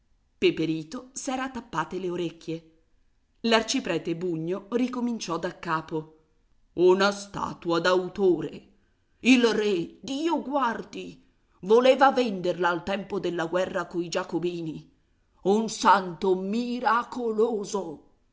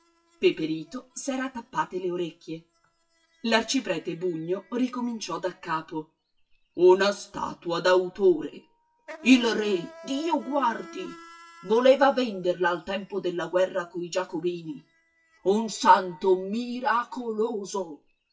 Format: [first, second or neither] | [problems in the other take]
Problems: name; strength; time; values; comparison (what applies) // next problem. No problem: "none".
first | noise reduction (classical method WPE with log-MMSE)